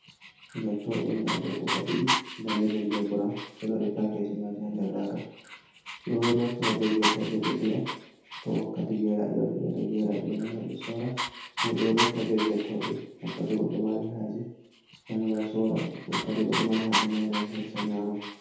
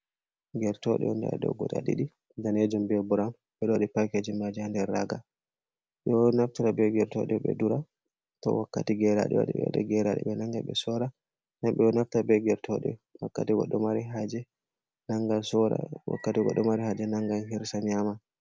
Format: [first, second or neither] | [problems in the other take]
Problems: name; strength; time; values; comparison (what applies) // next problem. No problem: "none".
second | background sound (Dog); 7 dB below the speech // room echo; dies away in 0.8 s